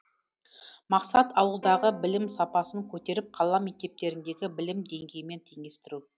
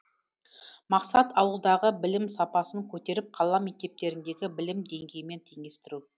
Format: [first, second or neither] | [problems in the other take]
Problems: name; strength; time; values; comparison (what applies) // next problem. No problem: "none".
second | background sound (Plucked string instrument); 17 dB below the speech